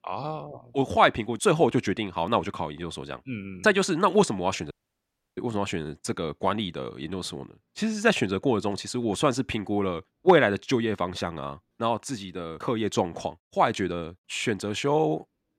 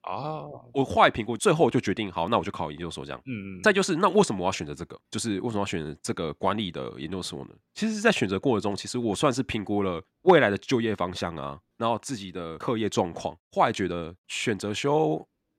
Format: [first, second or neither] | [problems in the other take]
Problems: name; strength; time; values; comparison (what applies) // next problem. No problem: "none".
second | audio cutting out; at 4.5 s for 0.5 s